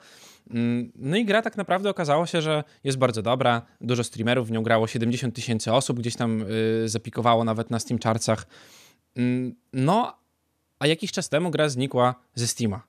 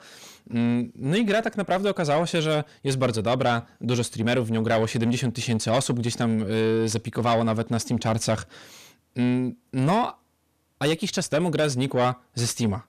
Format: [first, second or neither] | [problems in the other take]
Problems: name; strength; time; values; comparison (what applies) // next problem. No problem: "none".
first | distortion; slight; 10 dB below the speech